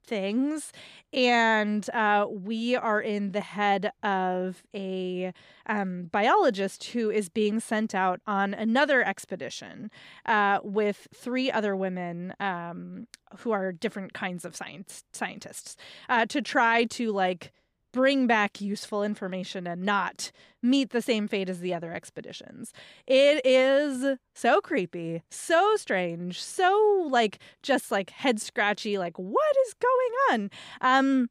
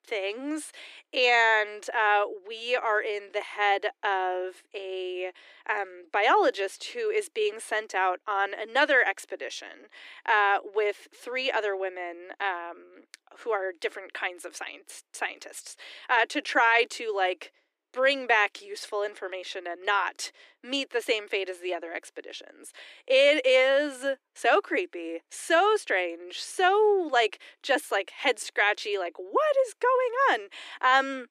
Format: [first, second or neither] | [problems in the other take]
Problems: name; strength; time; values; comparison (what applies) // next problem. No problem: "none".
first | thin; very; fading below 300 Hz